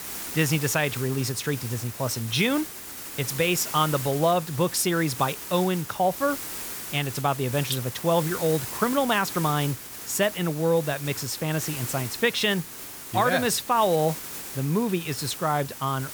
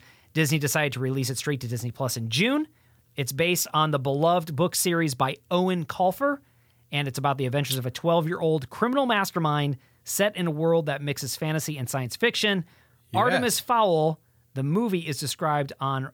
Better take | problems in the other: second | hiss; loud; throughout; 9 dB below the speech

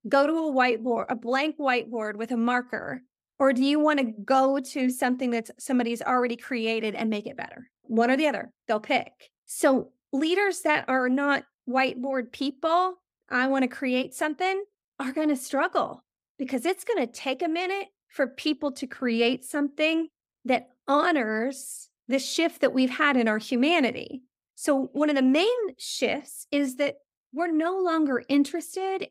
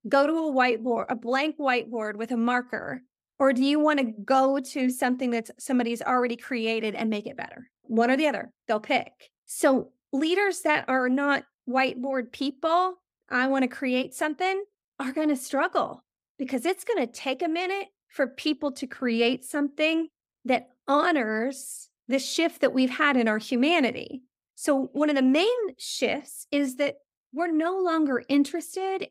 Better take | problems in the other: neither | none

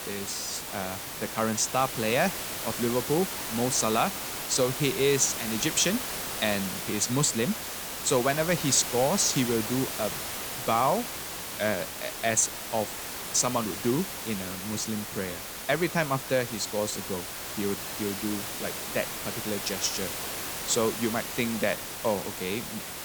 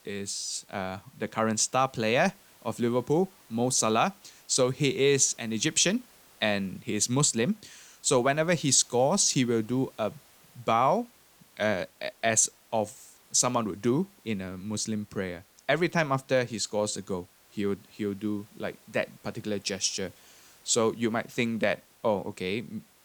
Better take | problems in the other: second | hiss; loud; throughout; 5 dB below the speech; faint in the second

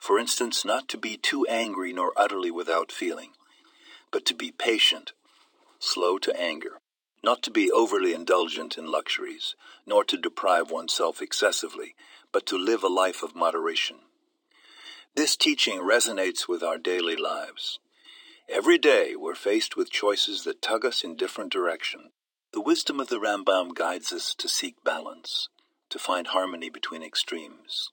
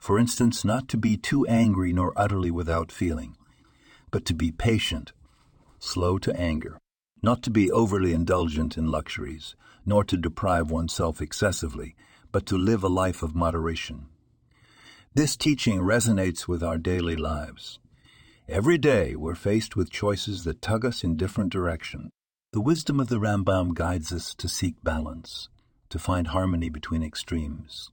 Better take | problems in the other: second | thin; very; fading below 350 Hz

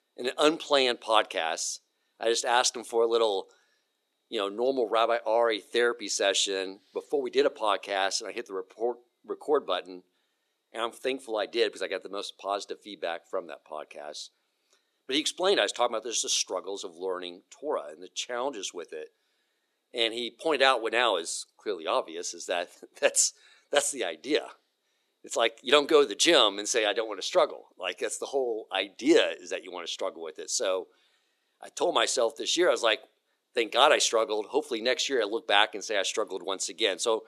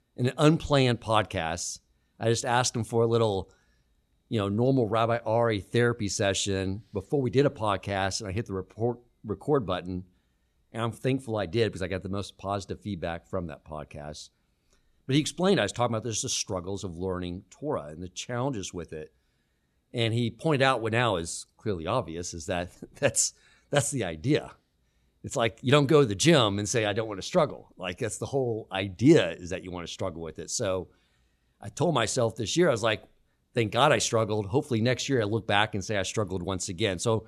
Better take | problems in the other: second | thin; very; fading below 350 Hz

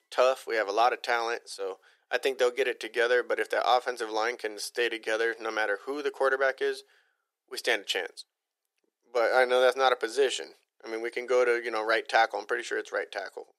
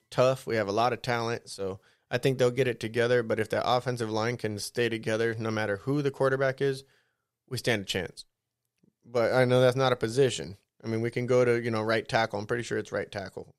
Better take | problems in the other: second | thin; very; fading below 350 Hz

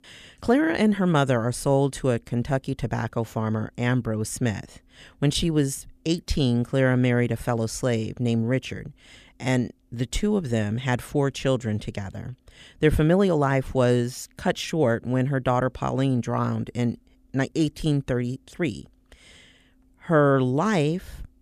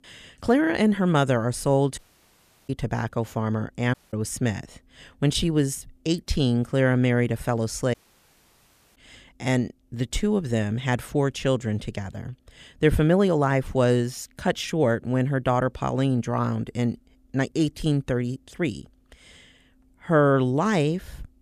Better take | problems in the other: first | audio cutting out; at 2 s for 0.5 s, at 4 s and at 8 s for 1 s

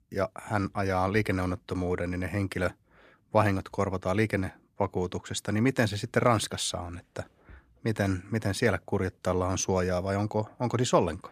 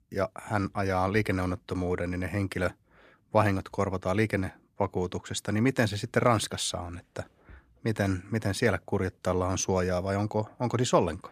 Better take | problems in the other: neither | none

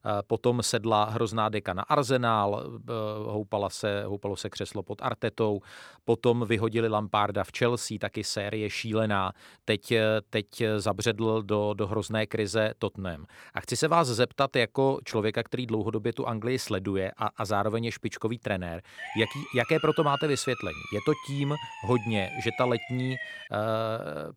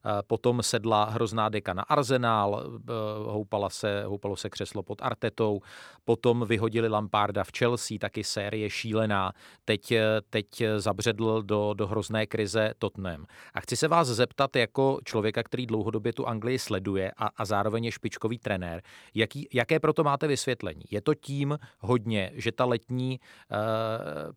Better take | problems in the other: second | siren; noticeable; from 19 to 23 s; peak 8 dB below the speech

